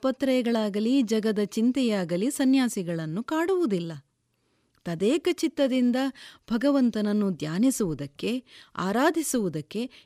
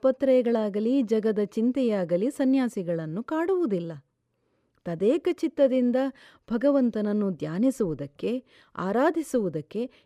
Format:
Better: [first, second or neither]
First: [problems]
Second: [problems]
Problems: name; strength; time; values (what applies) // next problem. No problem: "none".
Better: first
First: none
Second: muffled; very; fading above 2.5 kHz